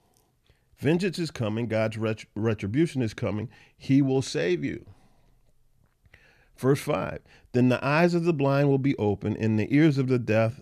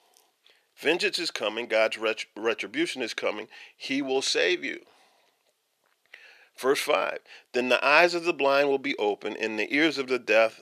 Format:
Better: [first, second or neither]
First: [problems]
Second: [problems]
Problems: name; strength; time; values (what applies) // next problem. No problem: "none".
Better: first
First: none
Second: thin; very; fading below 450 Hz